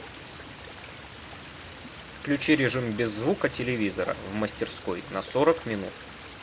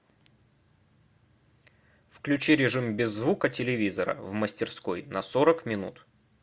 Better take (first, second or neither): second